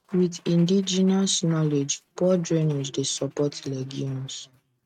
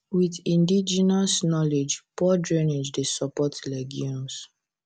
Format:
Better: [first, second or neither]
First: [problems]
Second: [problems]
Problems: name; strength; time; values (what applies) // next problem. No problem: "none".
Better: second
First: noise reduction (neural mask model RNNoise)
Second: none